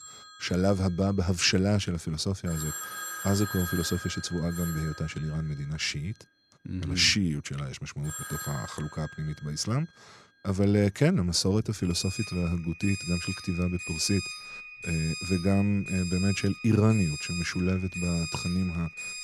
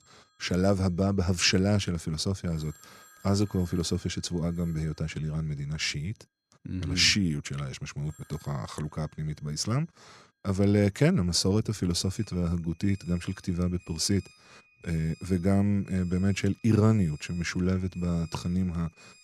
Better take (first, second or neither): second